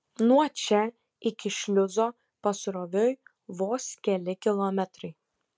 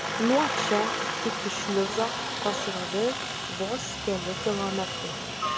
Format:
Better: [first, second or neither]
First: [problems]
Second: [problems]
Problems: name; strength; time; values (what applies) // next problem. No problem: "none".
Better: first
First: none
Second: background sound (Aircraft); 1 dB below the speech